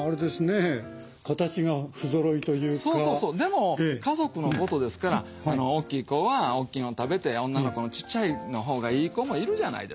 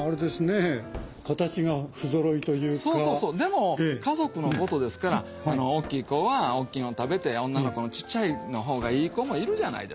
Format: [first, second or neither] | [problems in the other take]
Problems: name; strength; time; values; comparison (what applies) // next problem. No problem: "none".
first | background sound (Gunshot, gunfire + Wind instrument, woodwind instrument); 19 dB below the speech